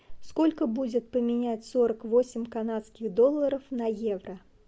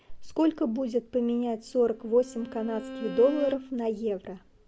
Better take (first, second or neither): first